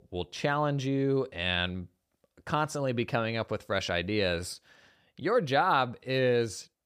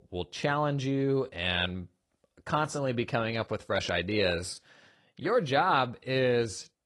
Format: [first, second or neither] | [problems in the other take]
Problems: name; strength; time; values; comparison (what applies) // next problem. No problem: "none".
first | garbled, watery; slightly